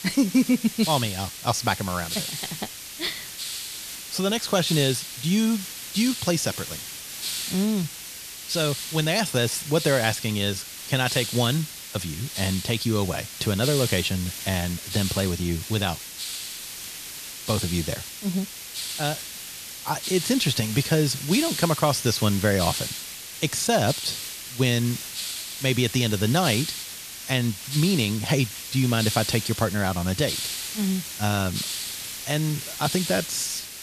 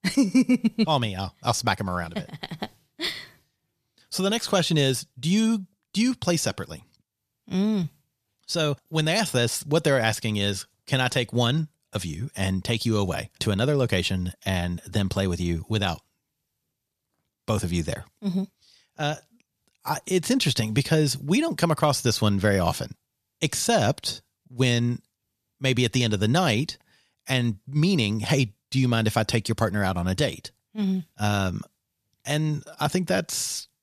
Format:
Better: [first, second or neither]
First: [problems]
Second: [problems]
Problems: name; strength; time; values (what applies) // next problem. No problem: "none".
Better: second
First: hiss; loud; throughout; 6 dB below the speech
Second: none